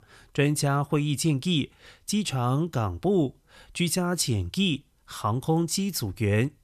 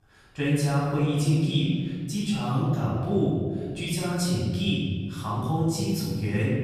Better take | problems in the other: first | off-mic speech; far // room echo; strong; dies away in 2.1 s

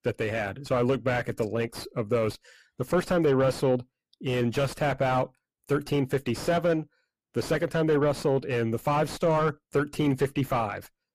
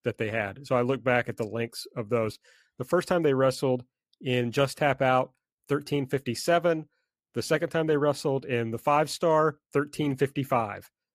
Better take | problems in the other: second | distortion; heavy; 7 dB below the speech

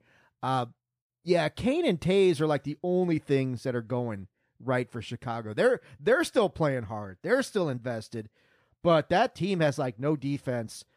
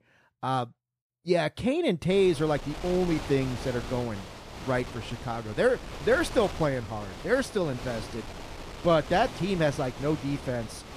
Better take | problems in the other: first | wind noise on the microphone; occasional gusts; from 2 s on; 10 dB below the speech

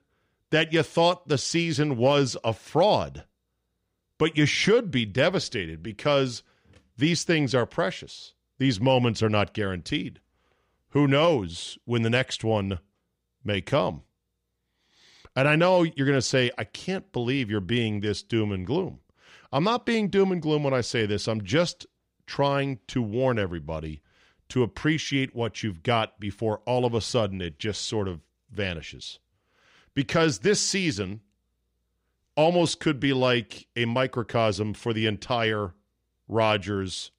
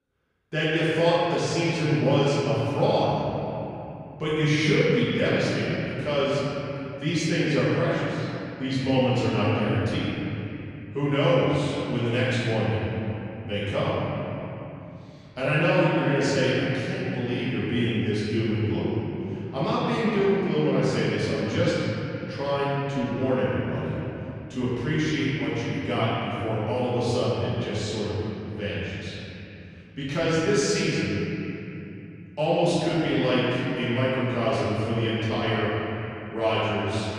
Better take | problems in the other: first | room echo; strong; dies away in 3 s // off-mic speech; far

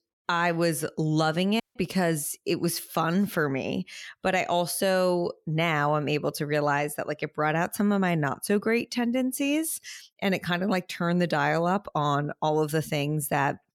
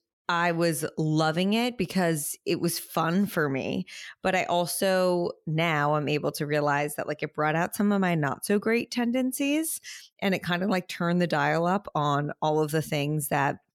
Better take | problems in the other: second | audio cutting out; at 1.5 s

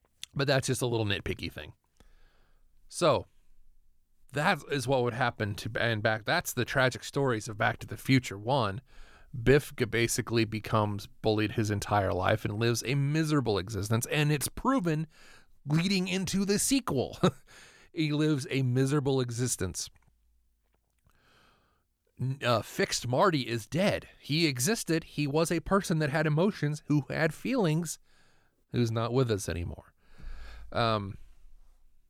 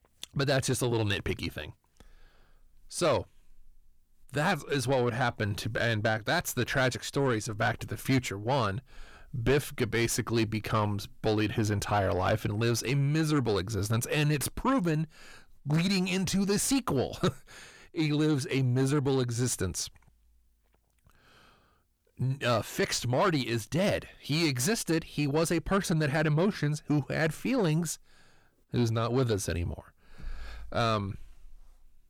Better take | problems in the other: first | distortion; slight; 10 dB below the speech

